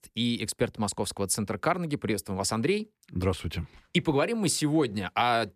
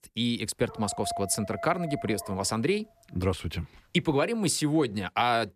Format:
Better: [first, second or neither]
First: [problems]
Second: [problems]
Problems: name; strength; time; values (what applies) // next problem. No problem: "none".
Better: first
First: none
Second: dog barking; noticeable; from 0.5 to 2.5 s; peak 8 dB below the speech